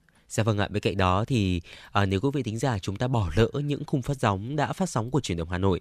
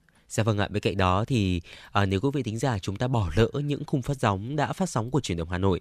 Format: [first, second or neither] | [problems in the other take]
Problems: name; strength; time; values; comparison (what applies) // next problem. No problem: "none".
neither | none